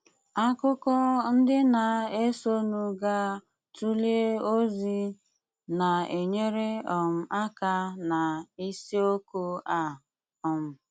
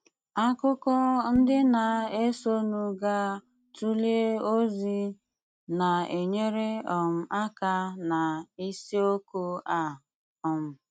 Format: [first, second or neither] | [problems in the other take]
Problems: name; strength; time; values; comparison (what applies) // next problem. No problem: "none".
first | noise reduction (neural mask model RNNoise)